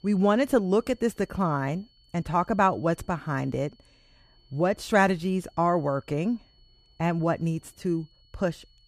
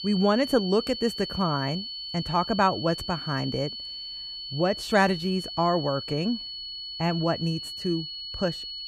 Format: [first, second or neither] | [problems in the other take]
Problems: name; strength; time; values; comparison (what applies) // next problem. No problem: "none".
first | high-pitched whine; loud; throughout; 4.5 kHz, 7 dB below the speech; faint in the first